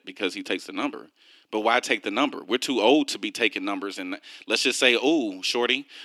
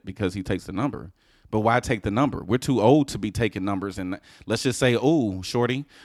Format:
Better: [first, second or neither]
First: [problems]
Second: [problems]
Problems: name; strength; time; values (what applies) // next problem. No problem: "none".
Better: second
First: thin; very slightly; fading below 300 Hz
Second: none